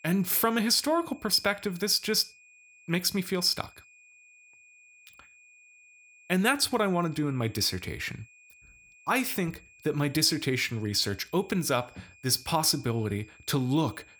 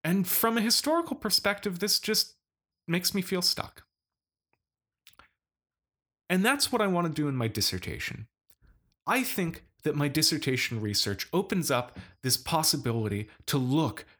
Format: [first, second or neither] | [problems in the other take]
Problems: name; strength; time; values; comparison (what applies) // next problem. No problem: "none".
second | high-pitched whine; faint; throughout; 2.5 kHz, 25 dB below the speech